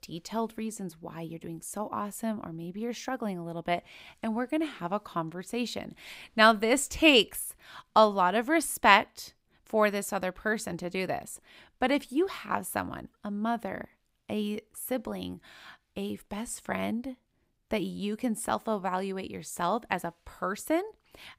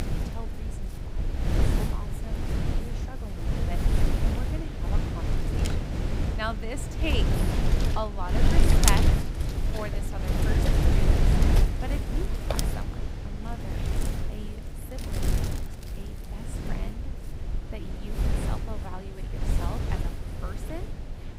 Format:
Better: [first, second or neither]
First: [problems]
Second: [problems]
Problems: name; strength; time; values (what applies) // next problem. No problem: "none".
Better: first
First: none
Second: wind noise on the microphone; heavy; 3 dB above the speech